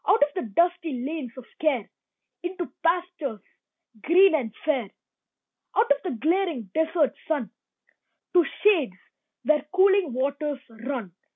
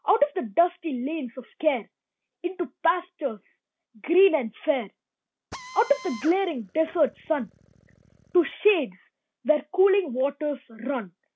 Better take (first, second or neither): first